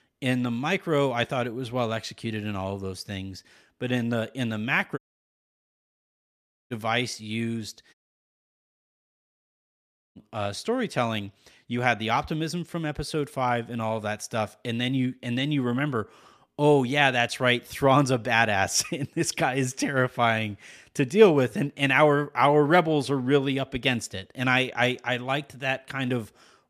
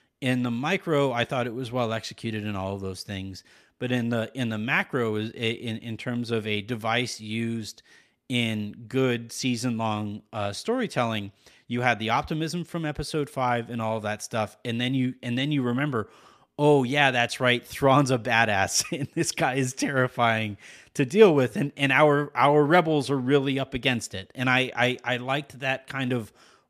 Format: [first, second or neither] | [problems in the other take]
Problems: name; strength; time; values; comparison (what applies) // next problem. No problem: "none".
second | audio cutting out; at 5 s for 1.5 s and at 8 s for 2 s